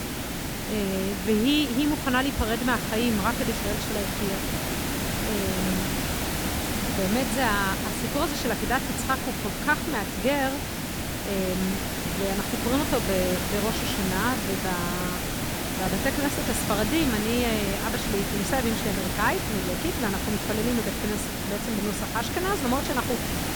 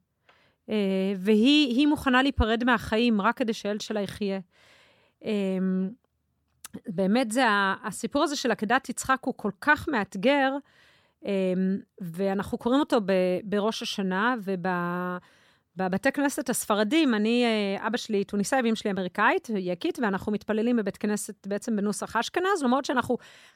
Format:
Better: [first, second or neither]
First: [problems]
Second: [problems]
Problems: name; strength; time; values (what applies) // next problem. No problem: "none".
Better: second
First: hiss; loud; throughout; as loud as the speech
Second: none